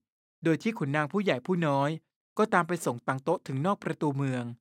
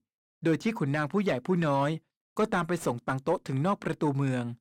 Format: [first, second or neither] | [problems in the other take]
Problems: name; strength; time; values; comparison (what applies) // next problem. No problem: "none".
first | distortion; slight; 10 dB below the speech